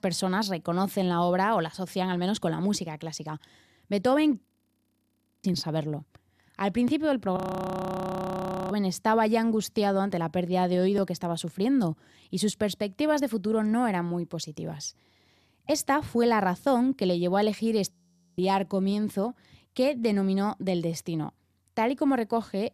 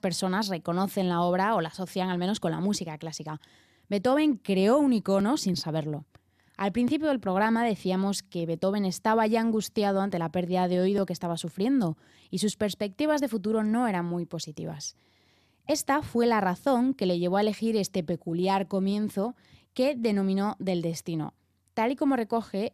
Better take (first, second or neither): second